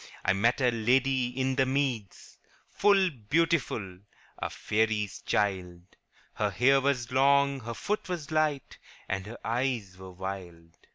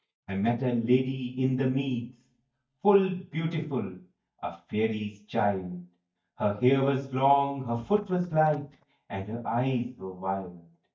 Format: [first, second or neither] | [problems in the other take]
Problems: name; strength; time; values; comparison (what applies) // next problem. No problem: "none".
first | noise reduction (neural mask model DeepFilterNet 3)